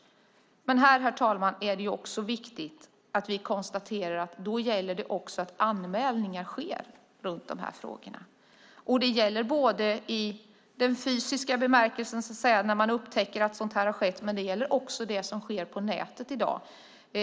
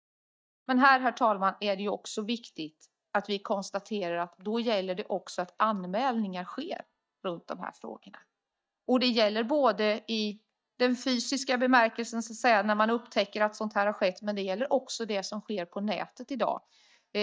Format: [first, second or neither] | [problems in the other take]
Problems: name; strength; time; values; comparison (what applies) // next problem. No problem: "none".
first | noise reduction (neural mask model DeepFilterNet 3)